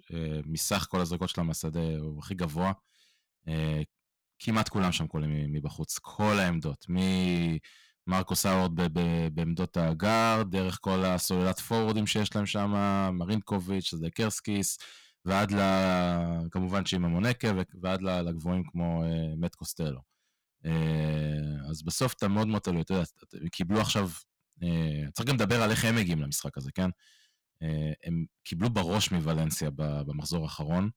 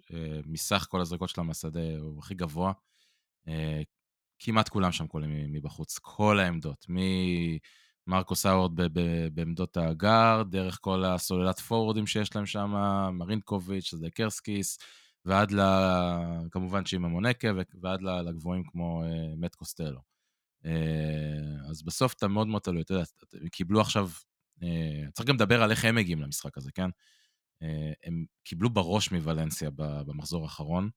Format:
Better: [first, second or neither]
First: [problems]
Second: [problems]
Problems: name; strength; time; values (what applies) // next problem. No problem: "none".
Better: second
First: distortion; heavy; 6% of the sound clipped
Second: none